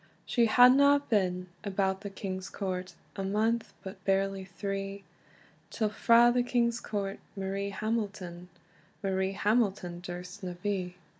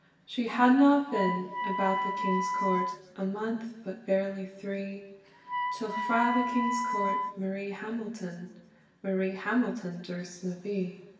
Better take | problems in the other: first | background sound (Wind instrument, woodwind instrument); 4 dB below the speech // room echo; dies away in 1 s

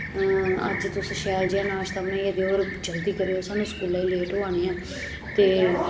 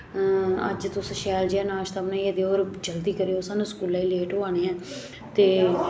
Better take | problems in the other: second | background sound (Fixed-wing aircraft, airplane); 10 dB below the speech

